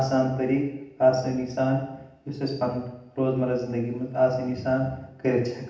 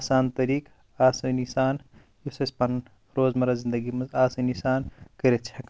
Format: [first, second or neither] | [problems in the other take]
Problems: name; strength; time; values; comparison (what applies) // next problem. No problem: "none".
second | room echo; dies away in 0.8 s